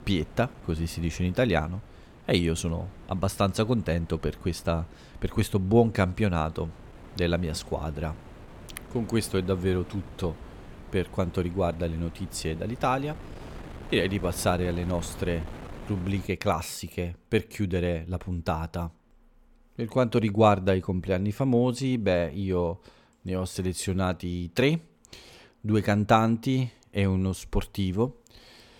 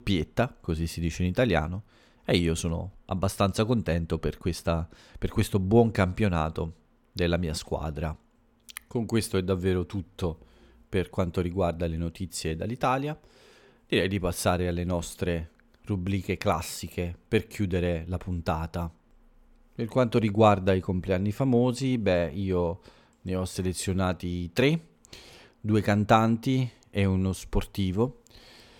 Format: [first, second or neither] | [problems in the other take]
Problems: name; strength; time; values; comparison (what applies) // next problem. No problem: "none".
second | wind noise on the microphone; occasional gusts; until 16 s; 20 dB below the speech